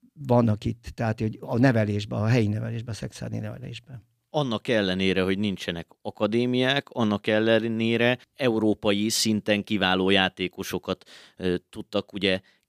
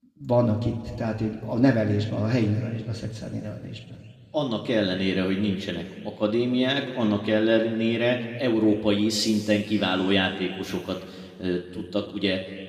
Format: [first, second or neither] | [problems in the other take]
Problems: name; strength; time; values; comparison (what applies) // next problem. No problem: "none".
first | room echo; noticeable; dies away in 2 s // off-mic speech; somewhat distant